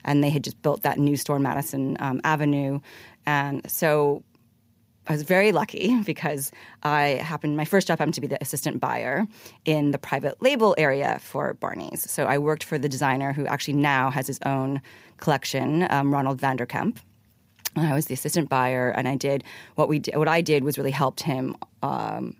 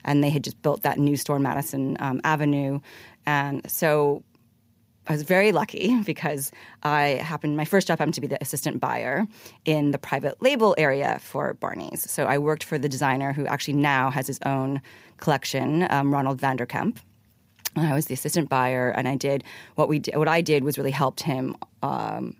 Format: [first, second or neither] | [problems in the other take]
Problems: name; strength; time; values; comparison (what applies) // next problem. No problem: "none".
neither | none